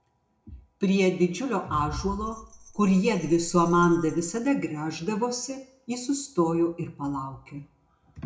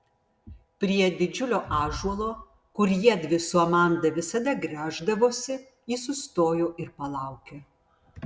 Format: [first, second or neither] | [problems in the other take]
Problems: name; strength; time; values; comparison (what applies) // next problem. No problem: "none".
second | background sound (Bell); 19 dB below the speech // room echo; dies away in 0.3 s